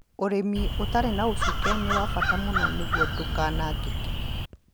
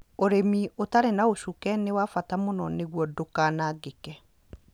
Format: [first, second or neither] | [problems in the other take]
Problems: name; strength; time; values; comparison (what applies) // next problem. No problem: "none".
second | background sound (Crow); 3 dB above the speech